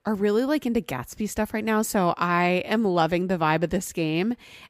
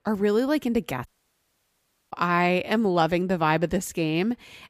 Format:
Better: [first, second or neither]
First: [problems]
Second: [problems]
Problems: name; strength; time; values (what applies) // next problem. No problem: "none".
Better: first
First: none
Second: audio cutting out; at 1 s for 1 s